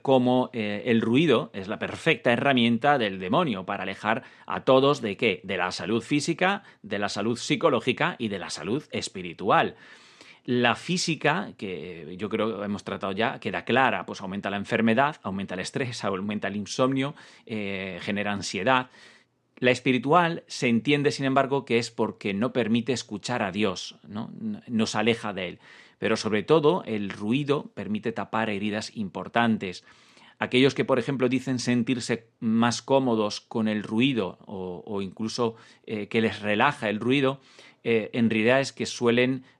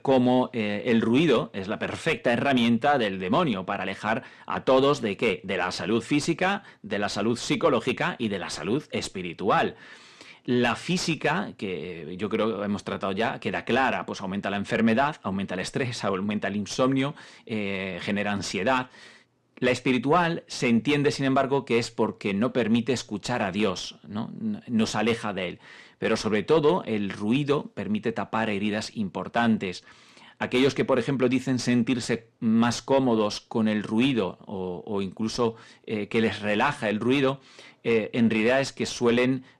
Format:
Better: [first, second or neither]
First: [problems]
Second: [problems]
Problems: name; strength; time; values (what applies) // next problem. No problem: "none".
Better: first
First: none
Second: distortion; slight; 10 dB below the speech